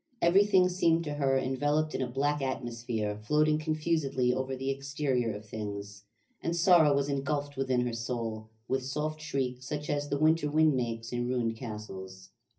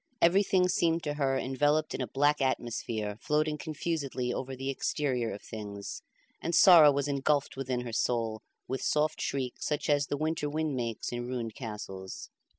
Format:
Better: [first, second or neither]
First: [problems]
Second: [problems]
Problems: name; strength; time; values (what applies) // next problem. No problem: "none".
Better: second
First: room echo; dies away in 0.4 s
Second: none